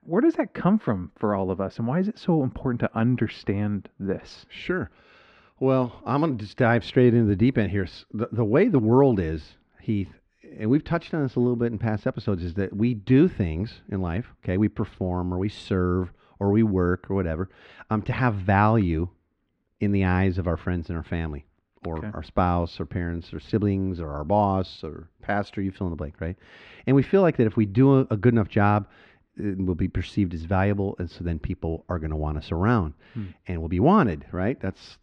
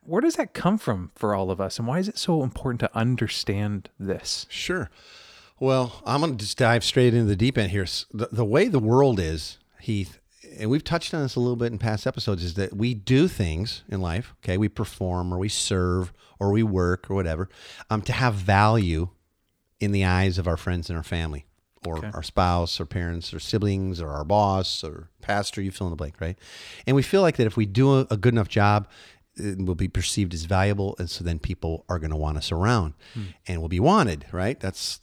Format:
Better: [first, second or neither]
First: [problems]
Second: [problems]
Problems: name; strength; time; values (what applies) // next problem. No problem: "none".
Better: second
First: muffled; very; fading above 2 kHz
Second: none